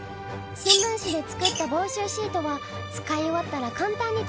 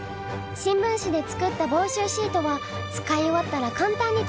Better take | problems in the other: second | background sound (Bird vocalization, bird call, bird song); 2 dB above the speech

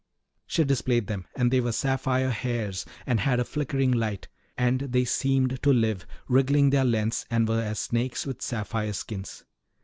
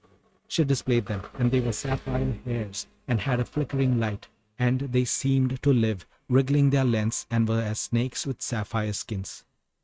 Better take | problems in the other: first | noise reduction (neural mask model RNNoise)

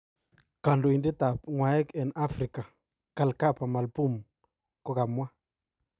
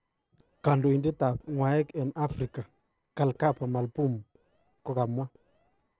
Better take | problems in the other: first | noise reduction (neural separator model SepFormer DNS4)

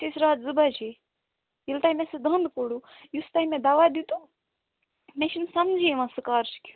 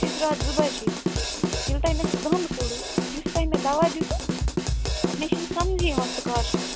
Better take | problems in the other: first | background sound (Drum kit); 3 dB above the speech

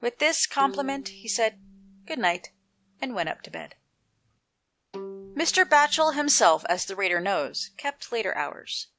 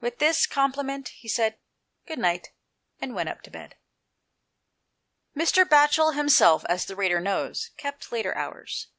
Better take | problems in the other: second | background sound (Bowed string instrument); 20 dB below the speech

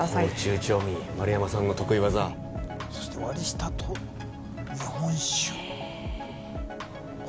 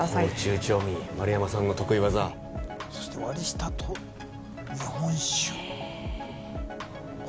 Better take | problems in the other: second | background sound (Engine); 11 dB below the speech

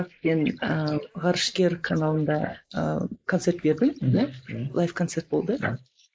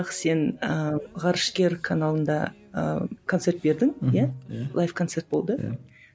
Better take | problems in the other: second | noise reduction (neural mask model Resemble Enhance denoiser)

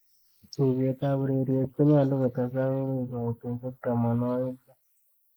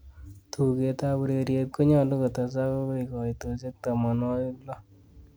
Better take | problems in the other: second | noise reduction (neural mask model Resemble Enhance denoiser)

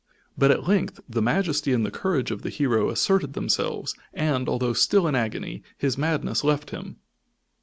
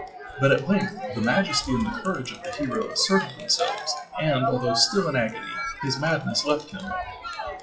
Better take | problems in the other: first | noise reduction (classical method WPE with log-MMSE)

